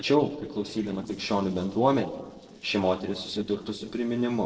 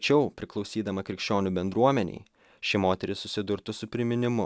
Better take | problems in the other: second | noise reduction (neural separator model SepFormer DNS4)

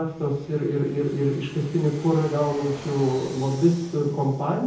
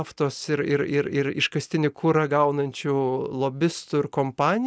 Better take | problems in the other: second | background sound (Fixed-wing aircraft, airplane); 19 dB below the speech // room echo; dies away in 0.7 s

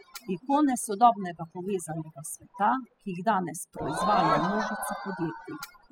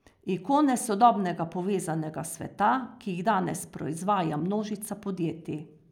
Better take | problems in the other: second | noise reduction (classical method spectral subtraction)

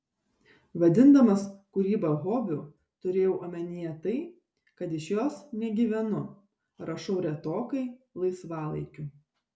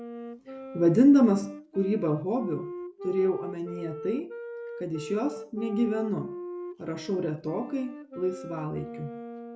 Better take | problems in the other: first | background sound (Wind instrument, woodwind instrument); 12 dB below the speech

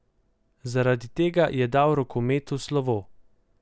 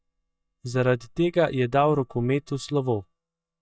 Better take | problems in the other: first | noise reduction (neural mask model DeepFilterNet 3)

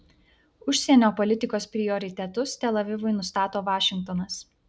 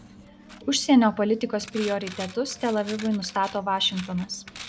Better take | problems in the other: first | background sound (Coin (dropping)); 17 dB below the speech

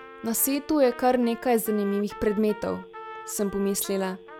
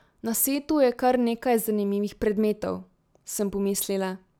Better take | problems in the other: second | background sound (Telephone + Trumpet); 16 dB below the speech

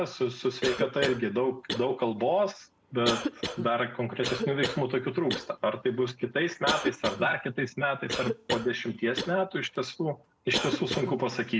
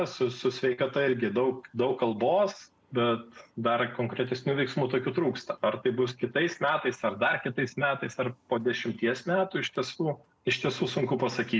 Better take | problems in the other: second | background sound (Cough); 7 dB below the speech

